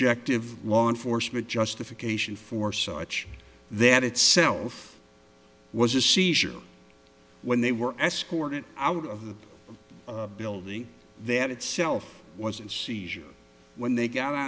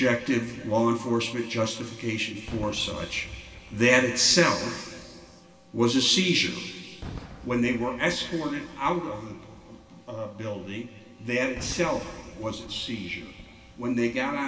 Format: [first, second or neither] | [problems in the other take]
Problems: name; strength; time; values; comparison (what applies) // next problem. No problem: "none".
first | background sound (Fireworks); 19 dB below the speech // room echo; dies away in 2.2 s